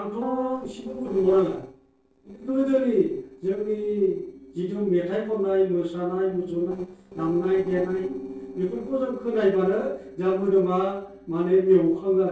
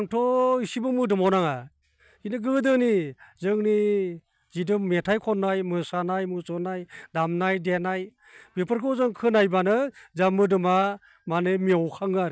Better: second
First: noise reduction (neural separator model SepFormer DNS4)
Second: none

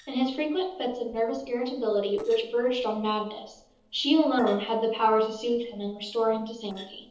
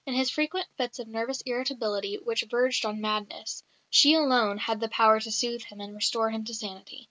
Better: second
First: noise reduction (neural separator model SepFormer DNS4)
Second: none

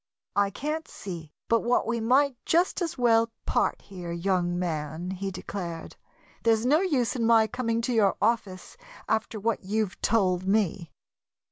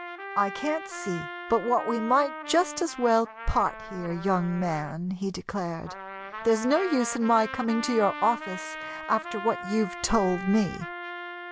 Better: first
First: none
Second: background sound (Trumpet); 11 dB below the speech

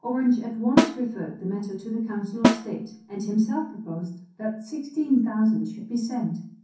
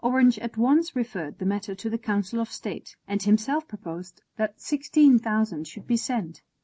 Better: second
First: background sound (Snare drum); as loud as the speech // room echo; dies away in 0.6 s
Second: none

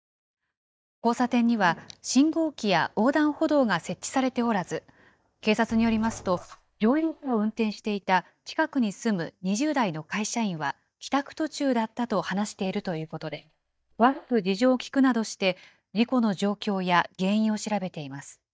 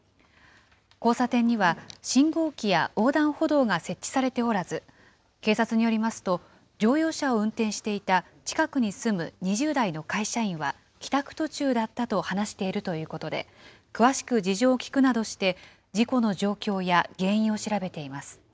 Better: second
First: noise reduction (neural mask model DeepFilterNet 3)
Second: none

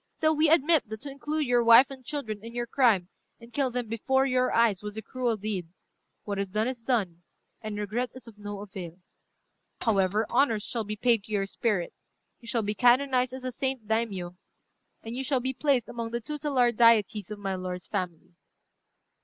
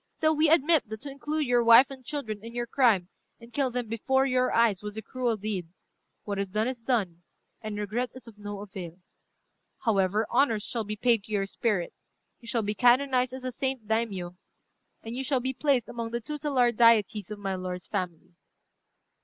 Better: second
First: background sound (Glass); 17 dB below the speech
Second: none

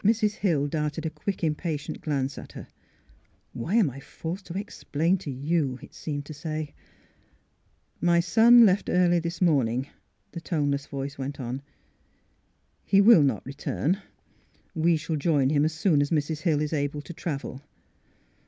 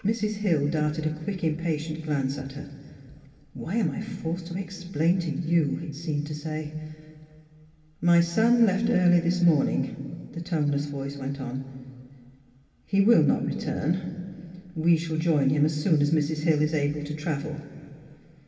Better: first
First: none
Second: room echo; dies away in 2.7 s

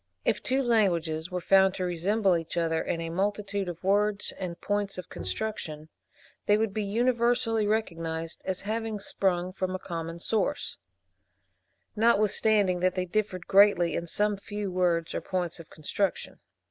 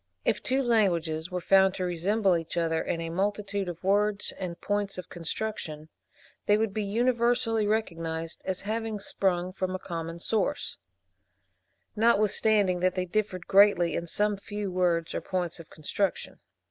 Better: second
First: background sound (Bowed string instrument); 16 dB below the speech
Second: none

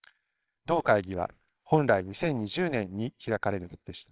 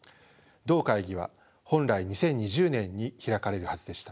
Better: second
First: noise reduction (neural separator model SepFormer WHAMR!)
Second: none

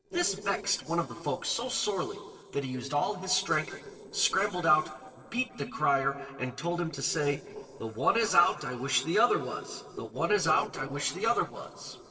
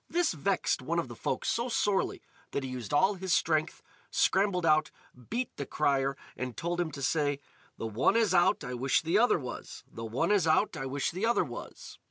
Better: second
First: noise reduction (neural separator model SepFormer DNS4)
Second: none

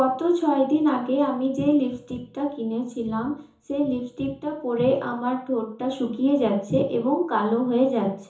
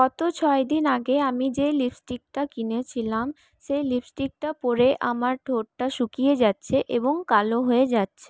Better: second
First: room echo; dies away in 0.7 s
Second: none

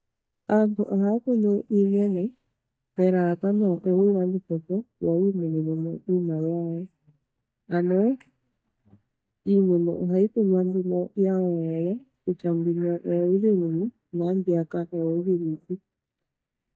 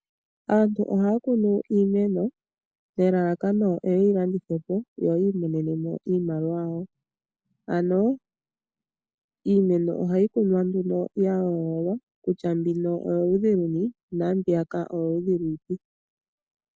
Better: second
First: noise reduction (neural mask model DeepFilterNet 3)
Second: none

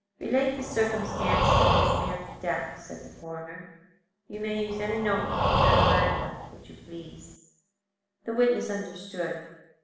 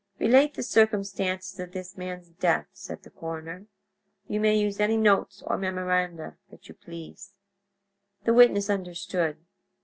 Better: second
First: background sound (Breathing); 5 dB above the speech // room echo; dies away in 0.9 s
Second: none

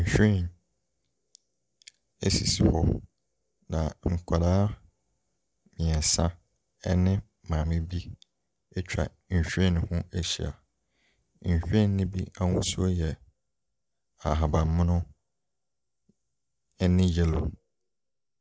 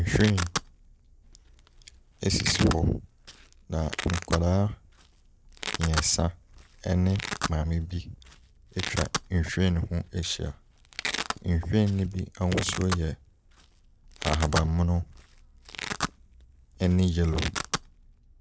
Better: first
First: none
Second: background sound (Domestic sounds, home sounds); 9 dB below the speech

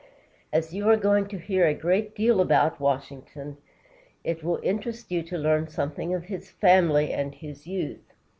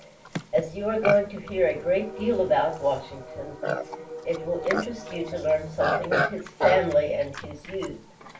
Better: first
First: none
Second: background sound (Livestock, farm animals, working animals); 6 dB below the speech // room echo; dies away in 0.3 s

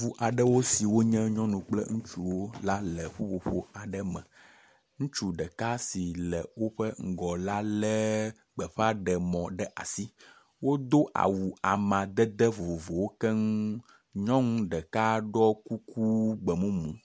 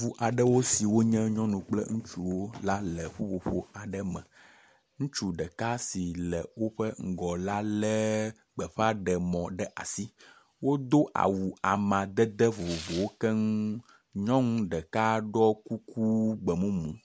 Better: first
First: none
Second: background sound (Tearing); 18 dB below the speech

